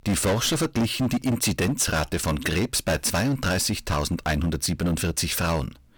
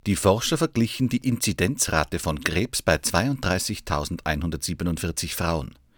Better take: second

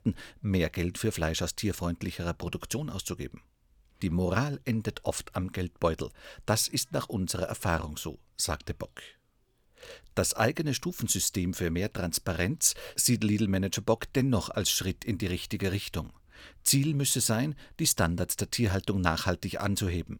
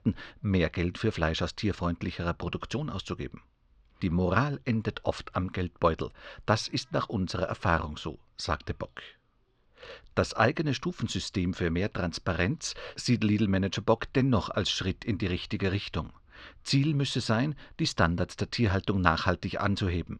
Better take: first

